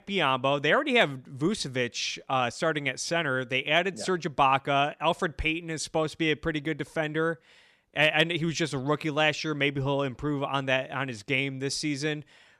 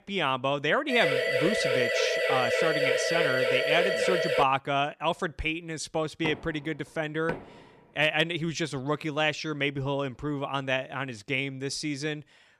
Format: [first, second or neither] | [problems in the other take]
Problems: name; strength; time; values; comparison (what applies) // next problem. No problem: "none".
first | siren; loud; from 1 to 4.5 s; peak 4 dB above the speech // door banging; noticeable; from 6 to 7.5 s; peak 10 dB below the speech